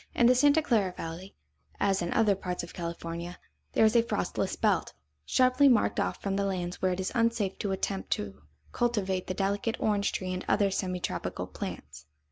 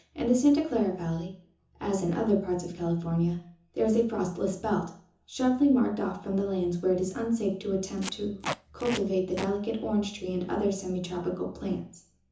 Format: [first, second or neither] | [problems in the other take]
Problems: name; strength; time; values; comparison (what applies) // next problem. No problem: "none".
first | background sound (Packing tape, duct tape); 10 dB below the speech // room echo; dies away in 0.6 s